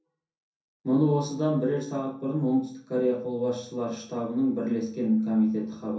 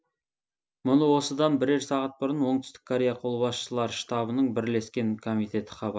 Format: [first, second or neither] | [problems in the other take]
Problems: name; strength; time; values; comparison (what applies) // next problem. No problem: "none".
second | room echo; dies away in 0.6 s